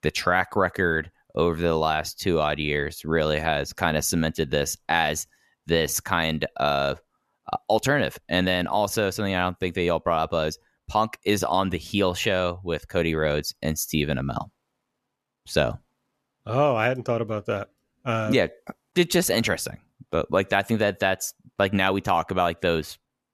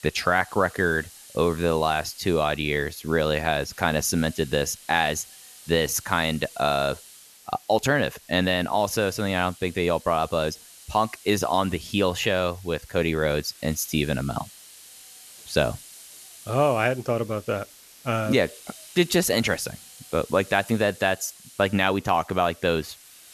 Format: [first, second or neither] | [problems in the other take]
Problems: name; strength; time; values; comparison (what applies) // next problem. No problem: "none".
first | hiss; faint; throughout; 20 dB below the speech